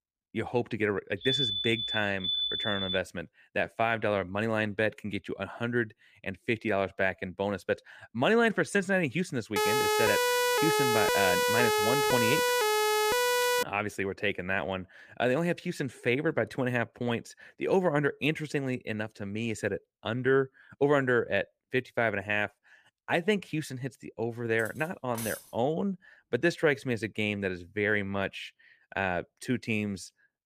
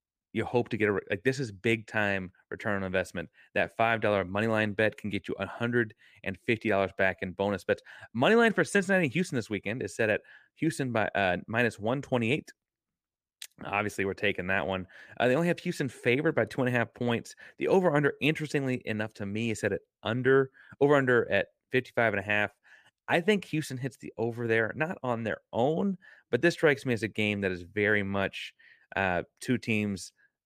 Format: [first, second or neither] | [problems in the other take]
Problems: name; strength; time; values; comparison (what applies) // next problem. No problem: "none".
second | alarm; loud; from 1 to 3 s; peak 3 dB above the speech // siren; loud; from 9.5 to 14 s; peak 5 dB above the speech // clattering dishes; noticeable; at 25 s; peak 8 dB below the speech